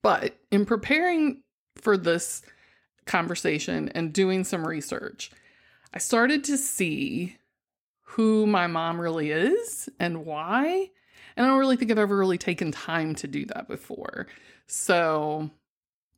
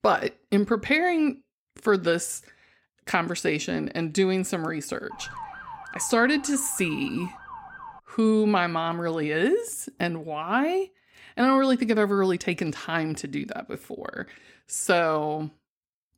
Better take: first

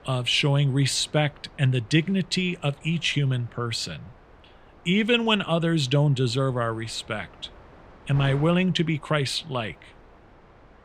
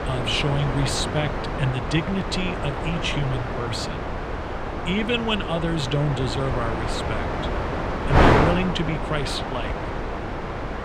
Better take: first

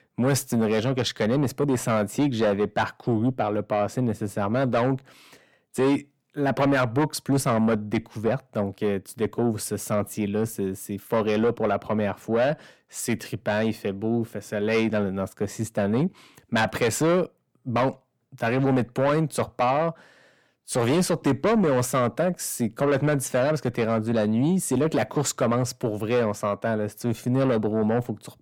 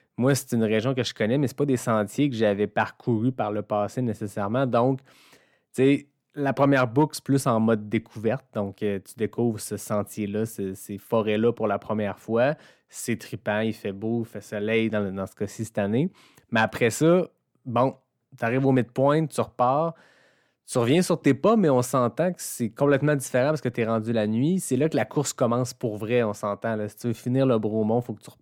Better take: second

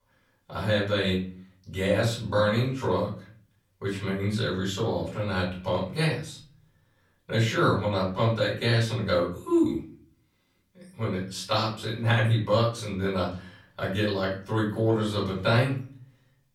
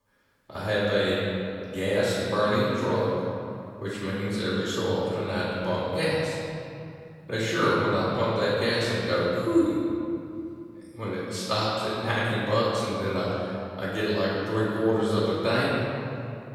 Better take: first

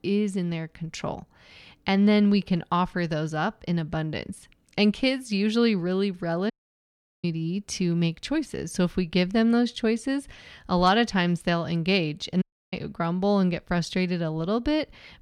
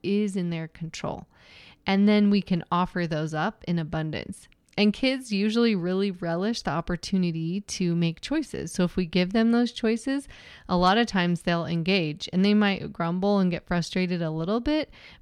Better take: second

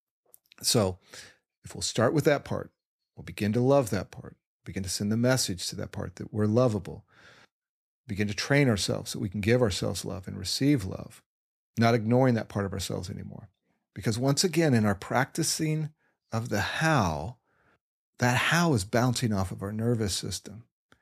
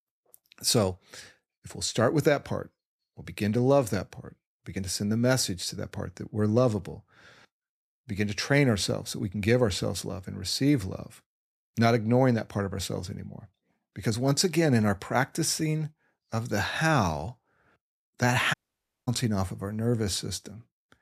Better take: first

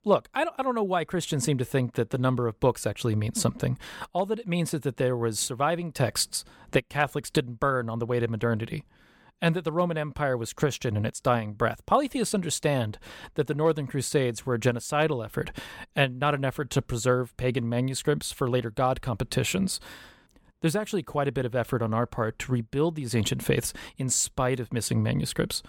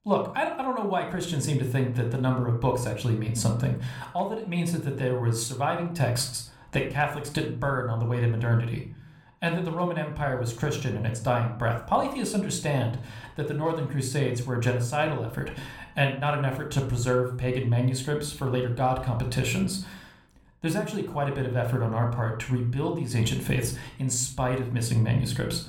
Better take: first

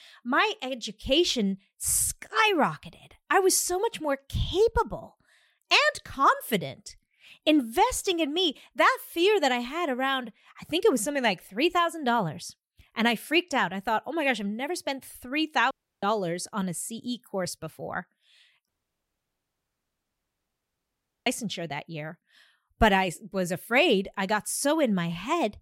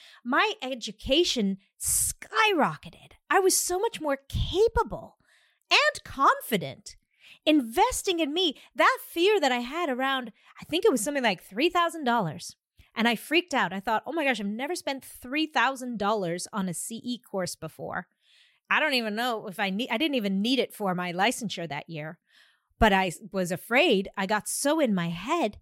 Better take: second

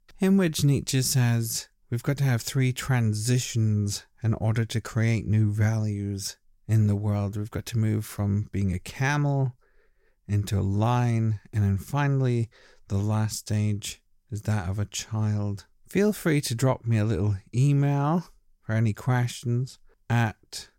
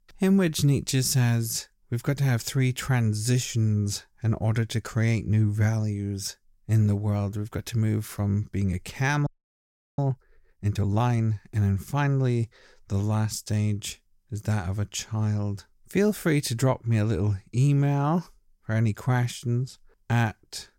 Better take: first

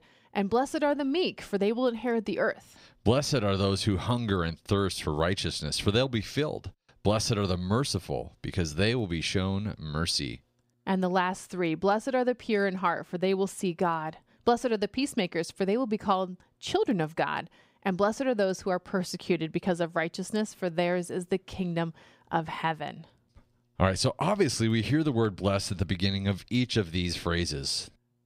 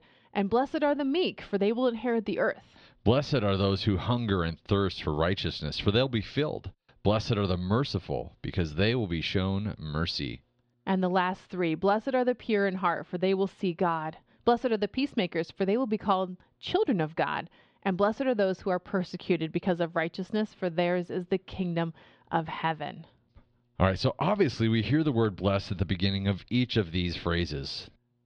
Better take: first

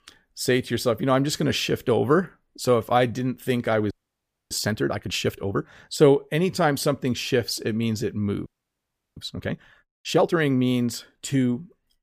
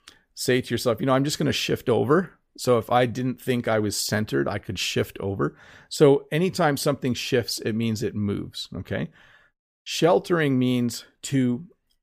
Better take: second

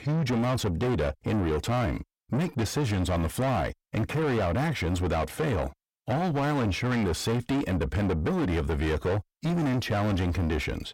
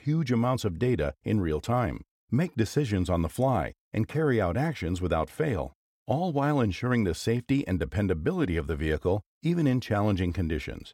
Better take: second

